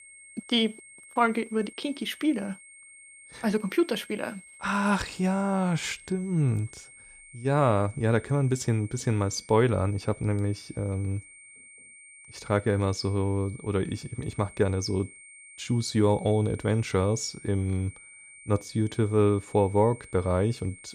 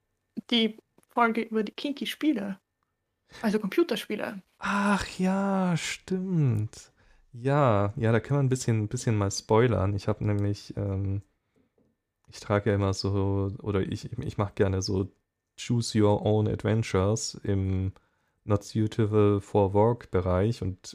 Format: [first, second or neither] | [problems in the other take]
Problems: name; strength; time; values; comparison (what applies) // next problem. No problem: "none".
second | high-pitched whine; faint; throughout; 2.5 kHz, 20 dB below the speech